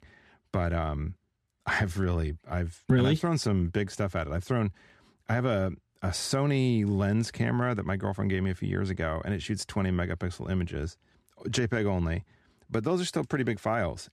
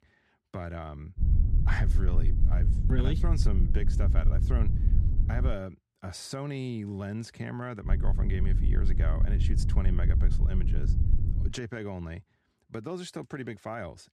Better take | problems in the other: first | wind noise on the microphone; heavy; from 1 to 5.5 s and from 8 to 11 s; 5 dB below the speech

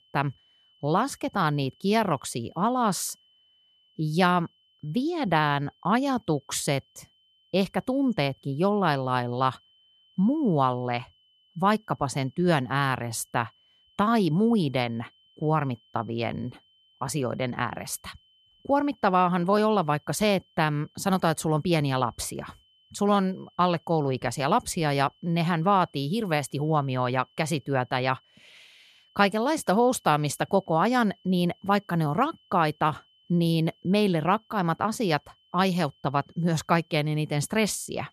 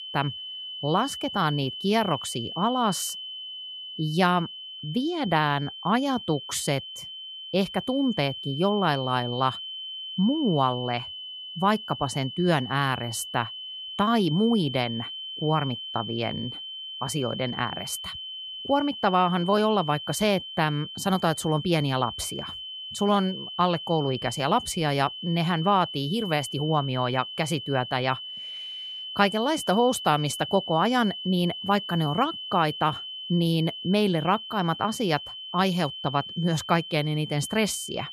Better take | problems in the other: first | high-pitched whine; loud; throughout; 3 kHz, 9 dB below the speech; faint in the first

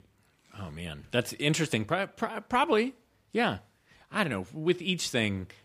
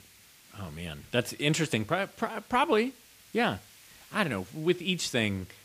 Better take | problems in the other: first | hiss; faint; throughout; 25 dB below the speech

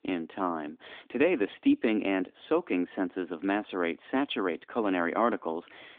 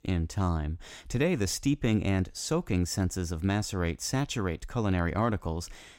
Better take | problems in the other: second | phone-call audio

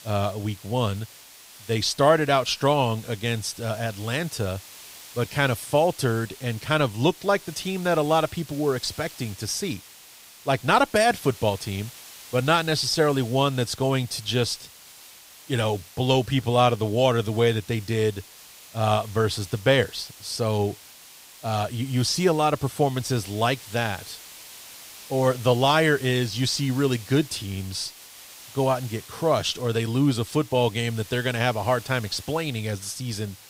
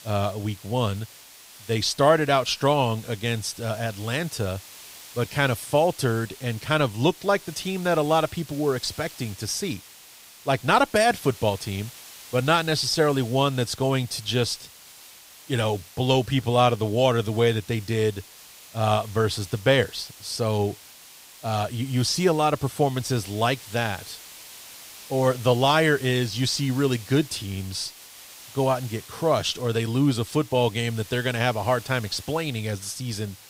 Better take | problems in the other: neither | hiss; noticeable; throughout; 20 dB below the speech; the same in both

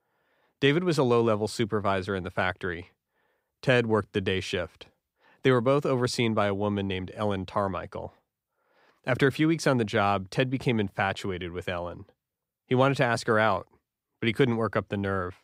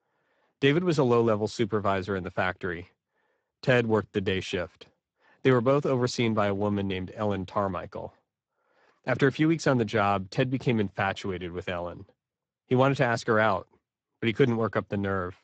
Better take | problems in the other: first | garbled, watery; badly; nothing above 8 kHz

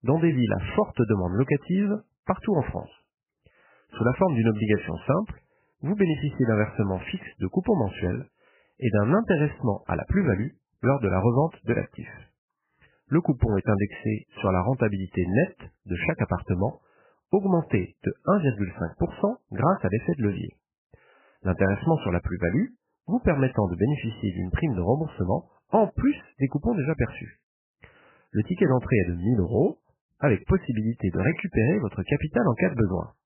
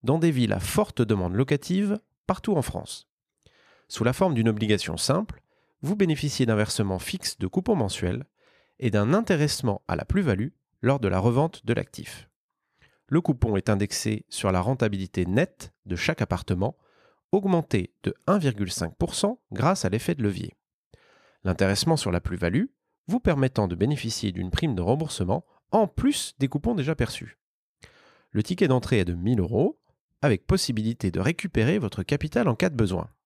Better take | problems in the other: second | garbled, watery; badly; nothing above 3 kHz

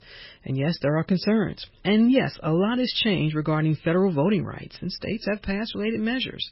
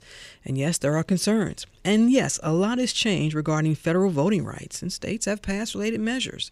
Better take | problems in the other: second | garbled, watery; badly; nothing above 5.5 kHz

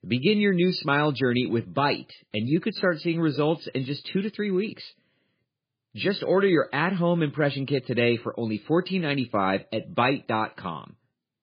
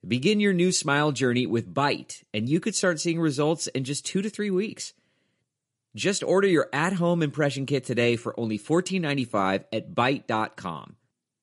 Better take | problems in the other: second | garbled, watery; badly; nothing above 4 kHz; slightly in the second

